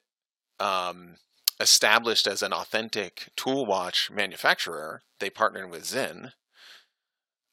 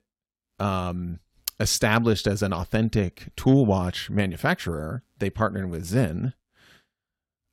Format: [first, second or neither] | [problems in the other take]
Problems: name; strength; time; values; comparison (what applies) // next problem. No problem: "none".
second | thin; very; fading below 600 Hz